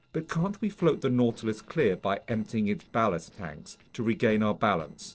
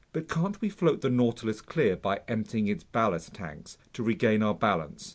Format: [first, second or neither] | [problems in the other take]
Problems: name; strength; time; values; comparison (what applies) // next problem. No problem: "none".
second | noise reduction (neural separator model SepFormer DNS4)